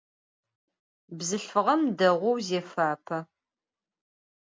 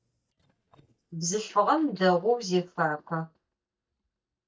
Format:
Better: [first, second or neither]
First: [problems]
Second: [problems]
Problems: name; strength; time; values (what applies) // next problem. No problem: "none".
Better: first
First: none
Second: noise reduction (neural mask model DeepFilterNet 3)